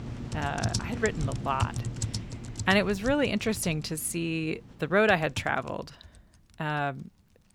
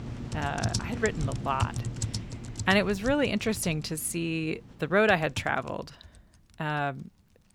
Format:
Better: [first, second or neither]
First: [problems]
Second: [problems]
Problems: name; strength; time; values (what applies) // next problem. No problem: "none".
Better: neither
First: household noises; loud; throughout; 7 dB below the speech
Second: household noises; loud; throughout; 7 dB below the speech